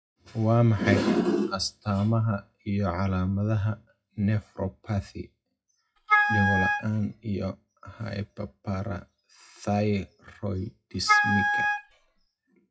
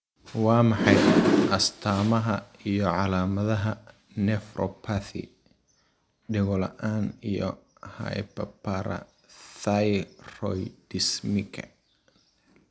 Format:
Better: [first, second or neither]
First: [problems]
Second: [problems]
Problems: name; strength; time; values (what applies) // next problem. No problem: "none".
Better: second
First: noise reduction (classical method WPE with log-MMSE)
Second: none